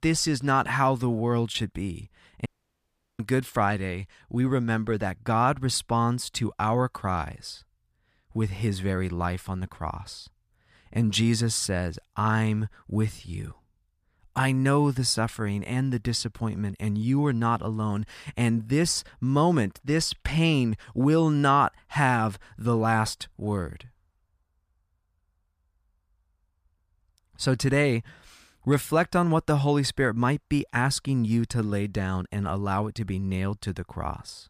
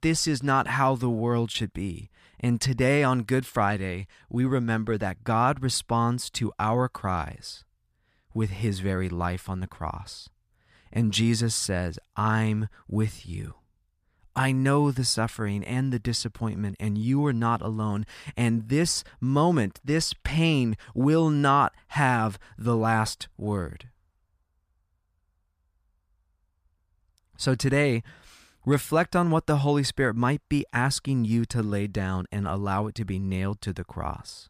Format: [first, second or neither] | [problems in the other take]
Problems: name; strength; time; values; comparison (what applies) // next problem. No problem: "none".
second | audio cutting out; at 2.5 s for 0.5 s